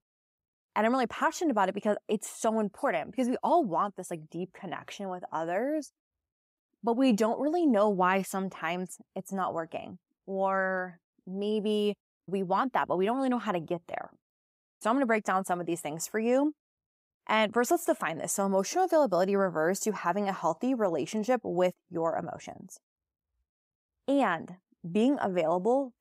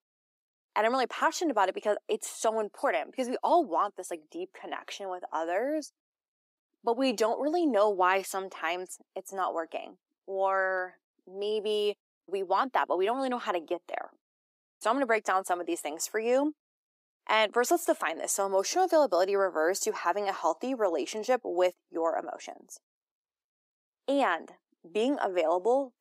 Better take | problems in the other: first | thin; very slightly; fading below 300 Hz

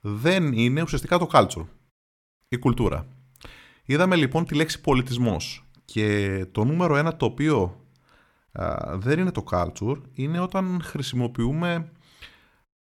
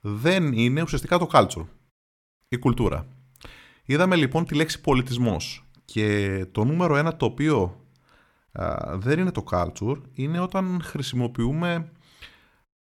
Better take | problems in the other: neither | none

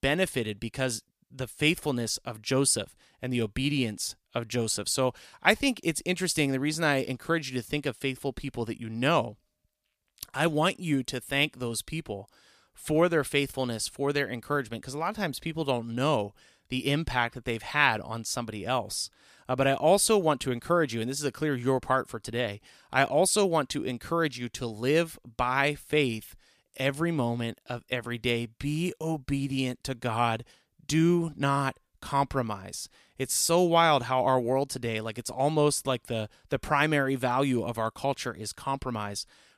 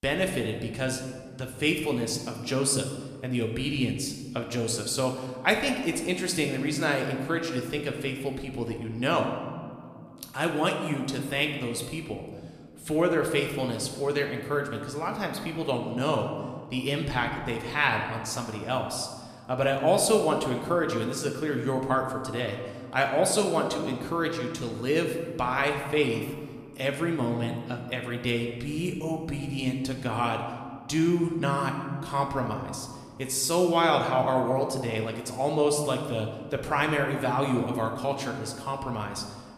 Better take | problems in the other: first | room echo; slight; dies away in 1.4 s

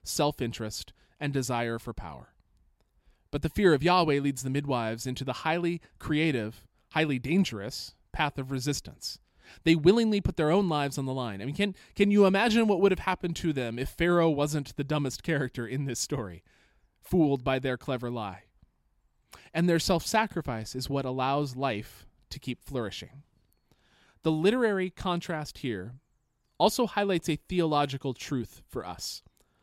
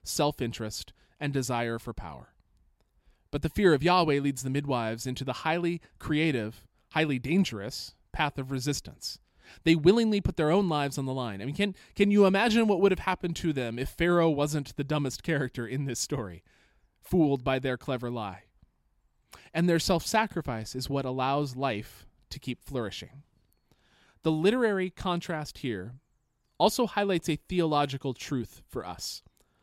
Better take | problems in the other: neither | none

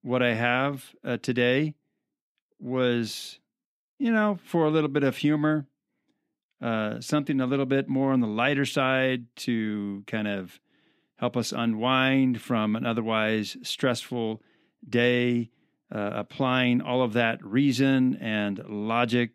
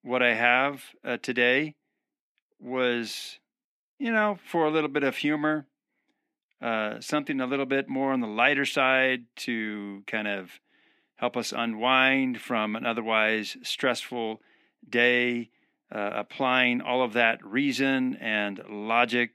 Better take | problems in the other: first | thin; very slightly; fading below 250 Hz

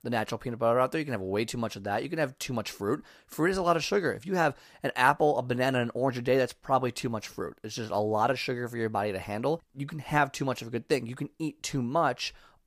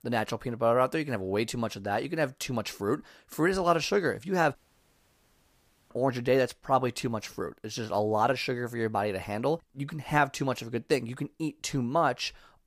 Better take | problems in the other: first | audio cutting out; at 4.5 s for 1.5 s

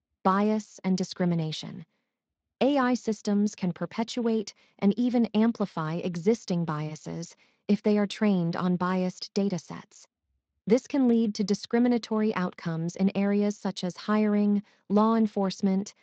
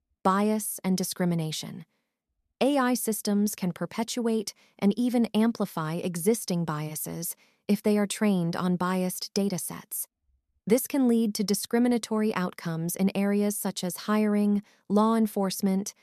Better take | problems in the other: second | garbled, watery; slightly

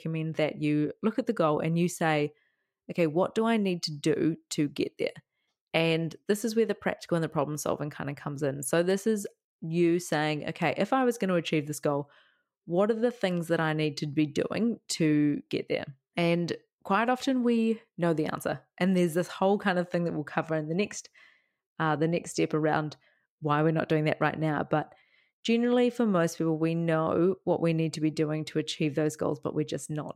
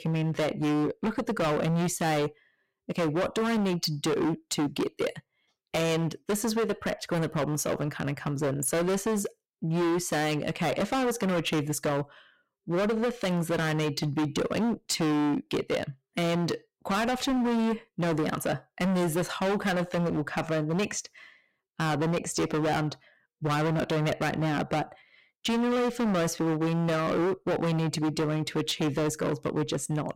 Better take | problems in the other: first | distortion; heavy; 25% of the sound clipped

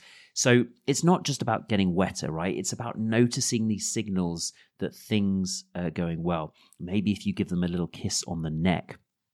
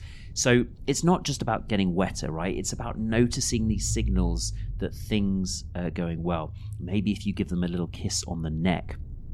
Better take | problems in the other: first | low rumble; faint; throughout; 25 dB below the speech

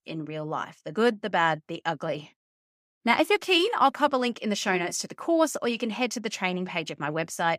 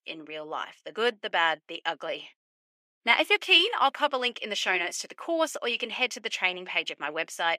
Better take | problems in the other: first | thin; somewhat; fading below 450 Hz

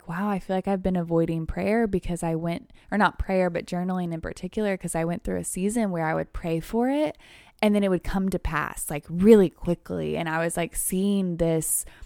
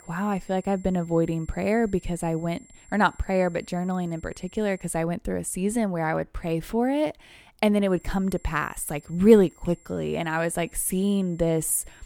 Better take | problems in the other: first | high-pitched whine; faint; until 5 s and from 8 s on; 7.5 kHz, 30 dB below the speech

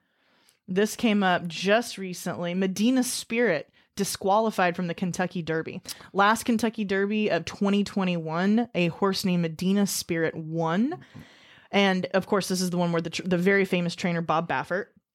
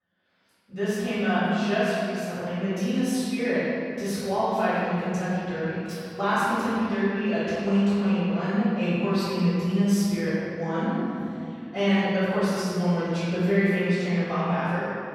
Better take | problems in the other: first | off-mic speech; far // room echo; strong; dies away in 2.6 s

